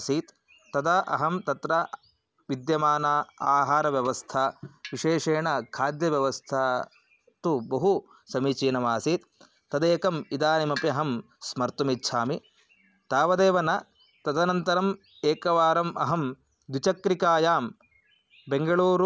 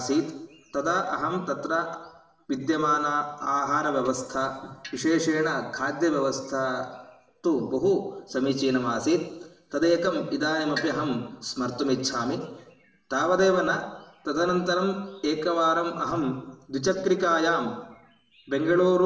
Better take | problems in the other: first | room echo; dies away in 0.9 s

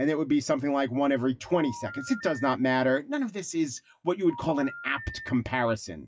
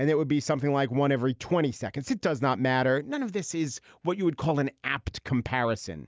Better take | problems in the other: second | noise reduction (classical method WPE with log-MMSE)

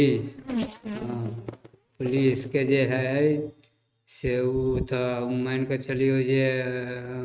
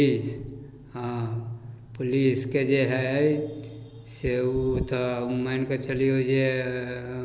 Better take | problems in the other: second | noise reduction (neural mask model RNNoise)

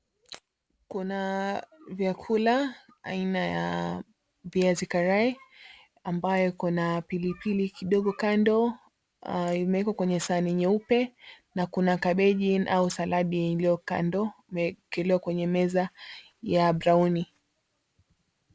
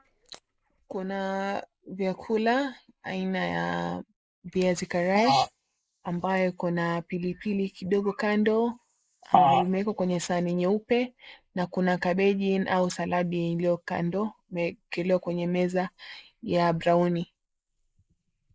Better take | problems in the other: first | noise reduction (neural mask model Resemble Enhance denoiser)

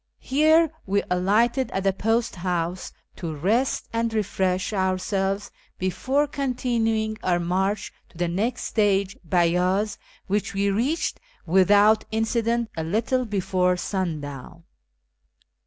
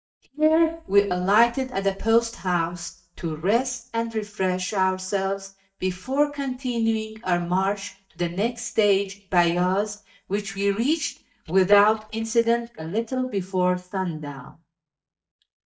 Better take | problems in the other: first | noise reduction (neural mask model DeepFilterNet 3)

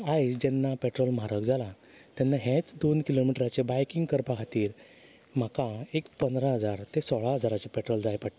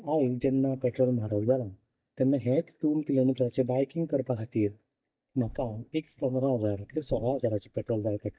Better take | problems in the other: first | noise reduction (neural mask model DeepFilterNet 3)

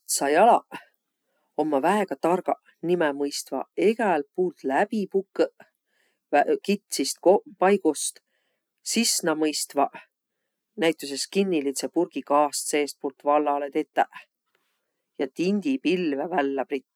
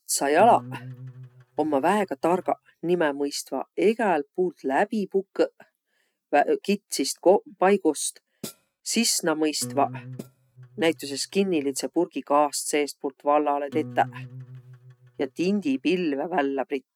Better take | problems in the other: first | noise reduction (neural mask model RNNoise)

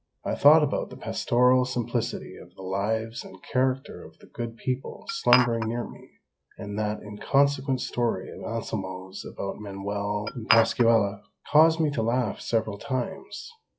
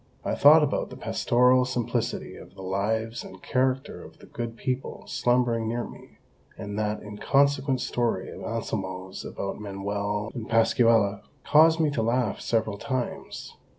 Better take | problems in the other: second | noise reduction (classical method log-MMSE)

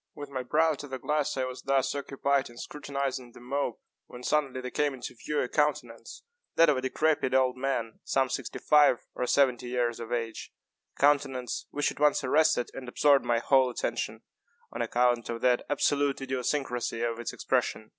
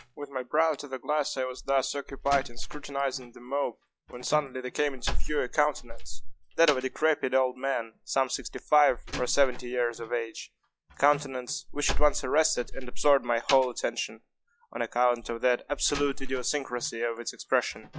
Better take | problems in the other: first | noise reduction (classical method log-MMSE)

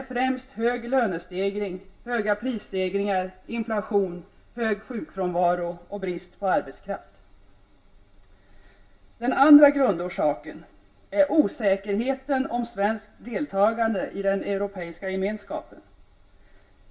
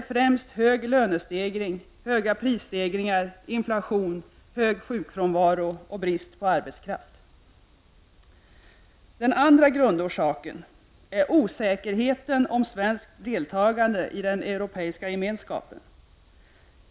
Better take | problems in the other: second | room echo; dies away in 0.2 s

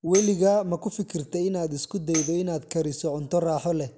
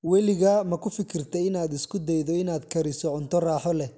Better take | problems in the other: second | background sound (Tambourine); 12 dB below the speech

